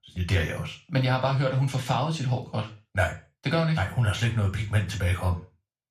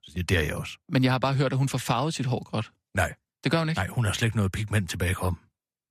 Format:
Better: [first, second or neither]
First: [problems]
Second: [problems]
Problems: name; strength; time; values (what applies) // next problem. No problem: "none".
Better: second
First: room echo; slight; dies away in 0.3 s // off-mic speech; somewhat distant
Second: none